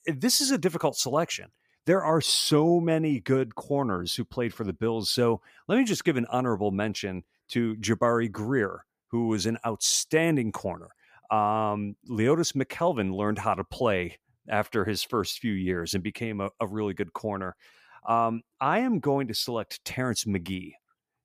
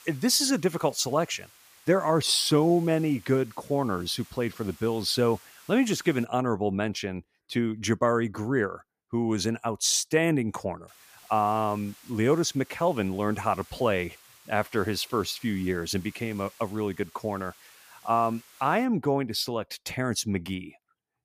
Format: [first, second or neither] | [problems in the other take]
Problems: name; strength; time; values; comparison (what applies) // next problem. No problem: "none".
first | hiss; faint; until 6.5 s and from 11 to 19 s; 25 dB below the speech